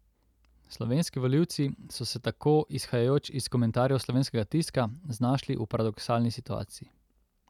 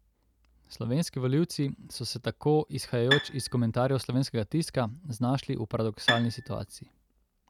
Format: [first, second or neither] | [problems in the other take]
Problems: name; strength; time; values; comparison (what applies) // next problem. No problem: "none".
first | background sound (Bowed string instrument); 3 dB below the speech